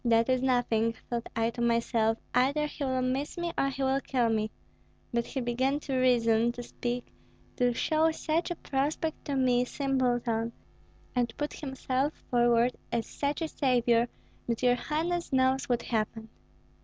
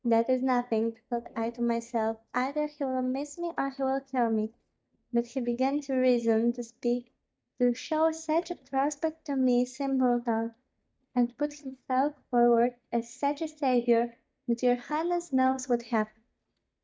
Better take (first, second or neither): first